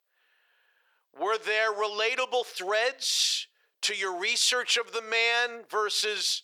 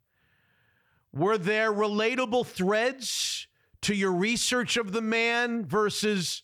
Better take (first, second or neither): second